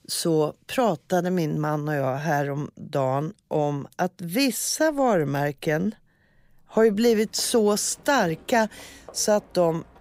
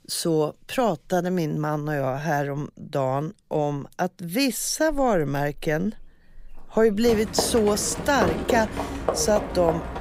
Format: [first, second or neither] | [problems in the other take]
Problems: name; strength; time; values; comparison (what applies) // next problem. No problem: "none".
first | animal sounds; loud; throughout; 5 dB below the speech; faint in the first